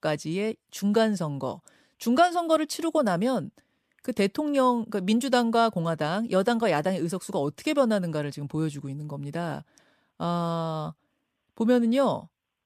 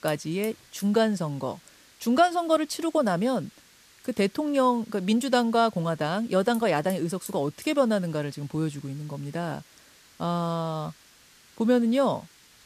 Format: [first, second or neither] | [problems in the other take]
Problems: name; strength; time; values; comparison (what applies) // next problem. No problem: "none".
first | hiss; faint; throughout; 25 dB below the speech